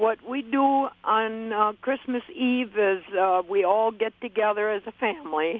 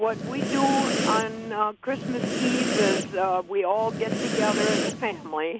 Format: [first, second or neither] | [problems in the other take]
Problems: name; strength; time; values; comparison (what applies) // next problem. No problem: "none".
first | background sound (Breathing); 1 dB below the speech